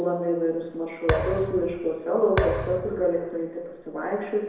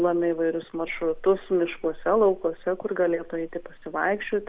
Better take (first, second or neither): second